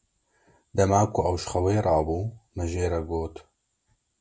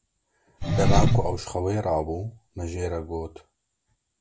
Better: first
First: none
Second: background sound (Engine); 2 dB above the speech

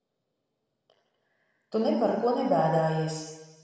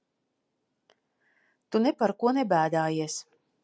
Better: second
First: room echo; dies away in 1.2 s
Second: none

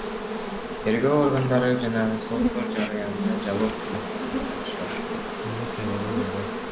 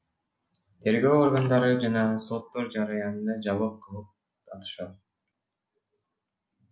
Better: second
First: background sound (Insect); 2 dB below the speech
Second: none

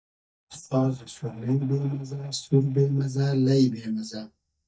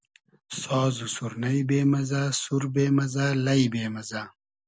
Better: second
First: noise reduction (neural mask model DeepFilterNet 3)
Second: none

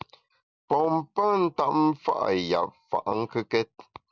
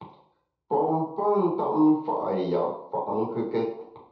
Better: first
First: none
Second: room echo; dies away in 0.8 s

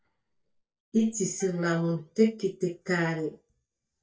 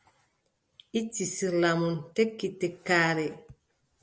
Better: second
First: noise reduction (neural mask model DeepFilterNet 3)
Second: none

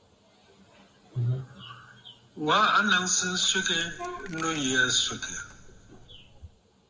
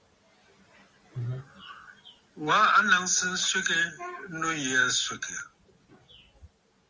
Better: second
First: background sound (Coin (dropping)); 20 dB below the speech // room echo; dies away in 1 s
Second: none

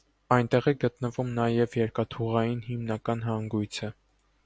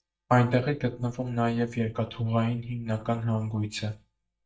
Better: first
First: none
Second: noise reduction (neural mask model DeepFilterNet 3)

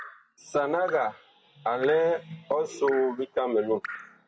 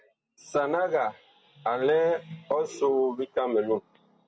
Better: second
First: background sound (Drip); 16 dB below the speech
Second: none

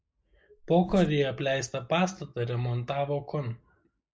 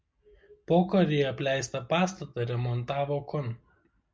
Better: second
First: noise reduction (neural mask model Resemble Enhance denoiser)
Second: none

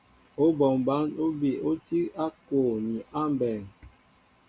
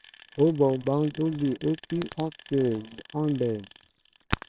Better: first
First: none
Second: noise reduction (neural separator model SepFormer WHAMR!)

